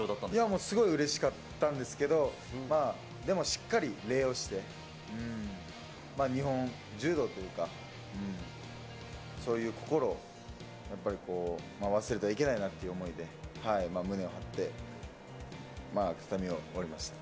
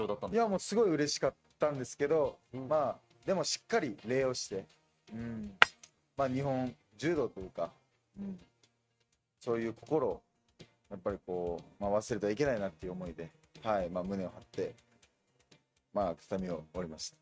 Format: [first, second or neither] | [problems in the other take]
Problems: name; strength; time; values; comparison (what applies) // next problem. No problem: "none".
first | noise reduction (neural mask model RNNoise)